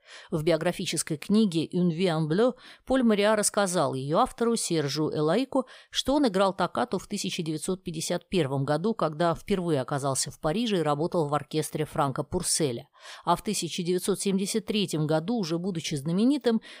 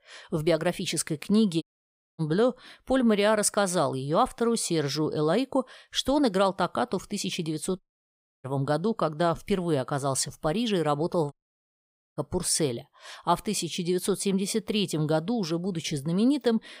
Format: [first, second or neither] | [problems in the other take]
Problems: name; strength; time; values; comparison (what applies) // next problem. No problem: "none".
first | audio cutting out; at 1.5 s for 0.5 s, at 8 s for 0.5 s and at 11 s for 1 s